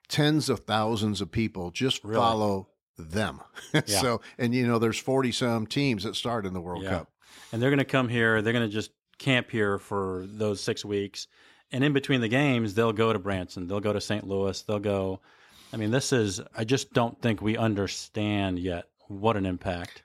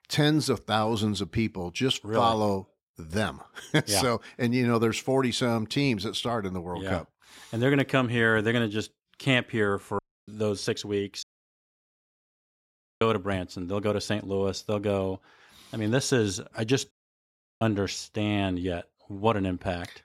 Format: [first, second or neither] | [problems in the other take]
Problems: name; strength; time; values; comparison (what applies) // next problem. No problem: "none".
first | audio cutting out; at 10 s, at 11 s for 2 s and at 17 s for 0.5 s